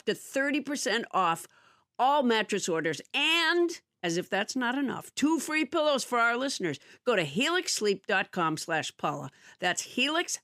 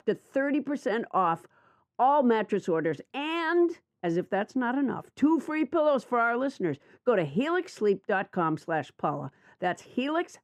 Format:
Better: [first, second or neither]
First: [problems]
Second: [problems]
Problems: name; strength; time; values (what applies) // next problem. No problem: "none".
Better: first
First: none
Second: muffled; very; fading above 2 kHz